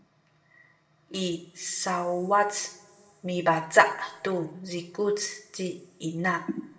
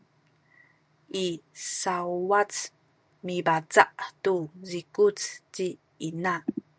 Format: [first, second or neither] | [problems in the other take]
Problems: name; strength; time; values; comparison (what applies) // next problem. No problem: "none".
second | room echo; dies away in 1 s